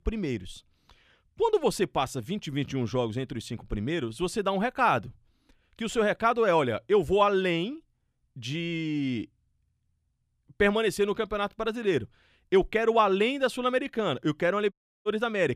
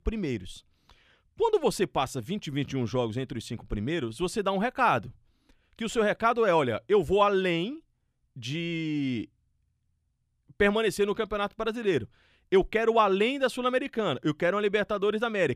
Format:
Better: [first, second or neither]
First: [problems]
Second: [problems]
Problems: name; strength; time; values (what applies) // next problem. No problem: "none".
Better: second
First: audio cutting out; at 15 s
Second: none